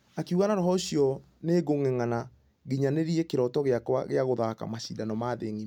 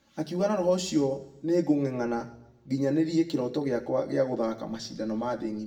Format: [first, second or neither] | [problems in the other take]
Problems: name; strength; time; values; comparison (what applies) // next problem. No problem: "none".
first | room echo; dies away in 0.6 s